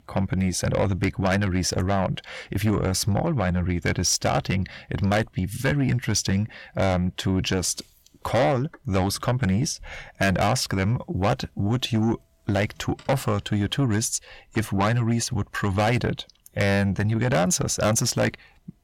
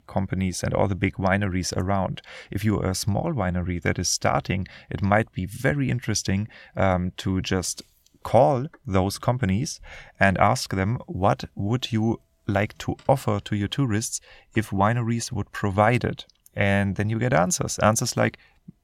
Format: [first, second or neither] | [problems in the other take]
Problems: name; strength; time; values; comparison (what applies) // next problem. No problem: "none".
second | distortion; heavy; 7 dB below the speech